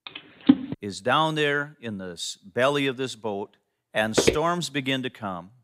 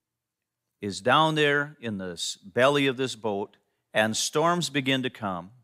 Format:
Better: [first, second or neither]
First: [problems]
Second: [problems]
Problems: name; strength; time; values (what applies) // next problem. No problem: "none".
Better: second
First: phone ringing; loud; at 0.5 s; peak 4 dB above the speech // footsteps; loud; at 4 s; peak 3 dB above the speech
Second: none